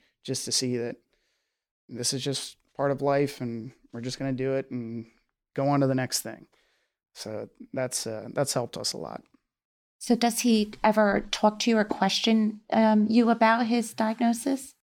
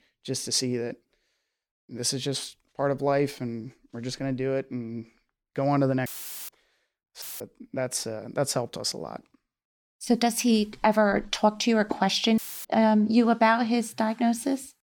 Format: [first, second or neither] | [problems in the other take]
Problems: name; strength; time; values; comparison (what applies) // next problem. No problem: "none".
first | audio cutting out; filled with static; at 6 s, at 7 s and at 12 s